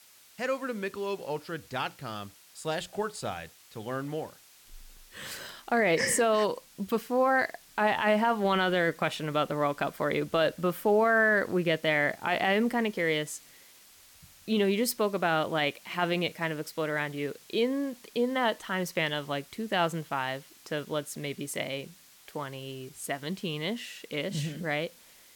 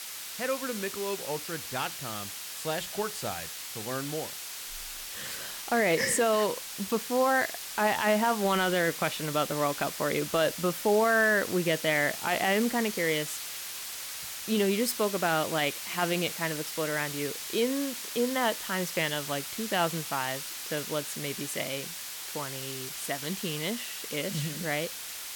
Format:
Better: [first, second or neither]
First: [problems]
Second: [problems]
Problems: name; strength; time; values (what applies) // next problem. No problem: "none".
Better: first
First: hiss; faint; throughout; 25 dB below the speech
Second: hiss; loud; throughout; 6 dB below the speech